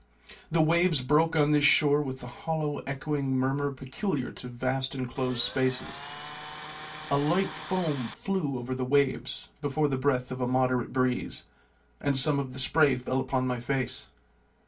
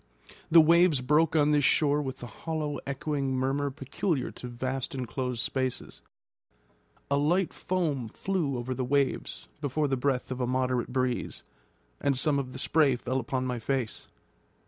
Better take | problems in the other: second | background sound (Tools); 13 dB below the speech // room echo; dies away in 0.2 s

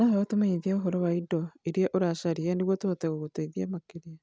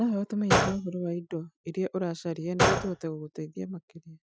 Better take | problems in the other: first | noise reduction (classical method Wiener filter)

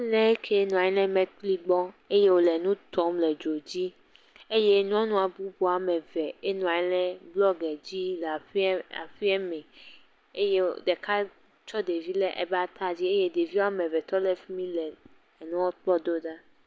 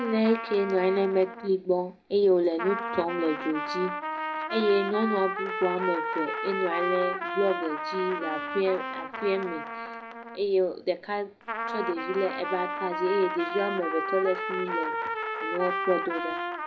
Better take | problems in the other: first | background sound (Trumpet); 5 dB below the speech // room echo; dies away in 0.4 s

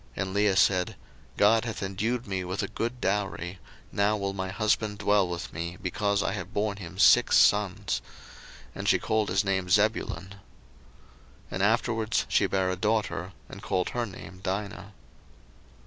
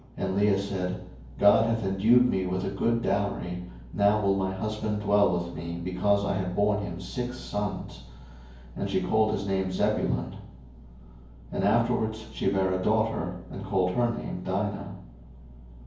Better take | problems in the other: first | room echo; dies away in 0.9 s

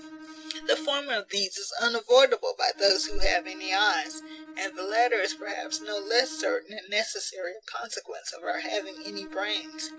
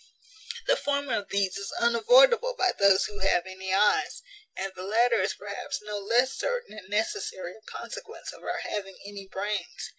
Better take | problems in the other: second | background sound (Bowed string instrument); 17 dB below the speech

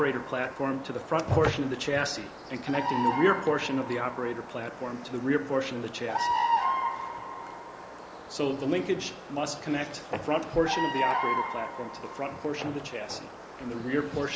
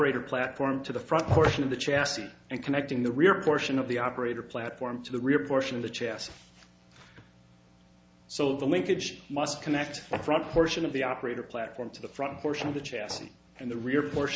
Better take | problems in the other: second | background sound (Bird vocalization, bird call, bird song); 4 dB below the speech

